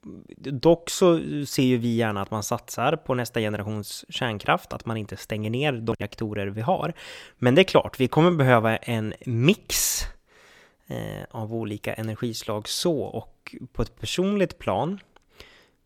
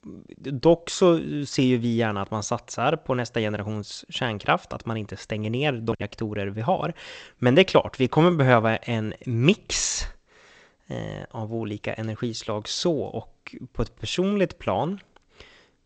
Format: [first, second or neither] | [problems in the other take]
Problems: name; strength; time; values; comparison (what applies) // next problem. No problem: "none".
first | garbled, watery; slightly; nothing above 8 kHz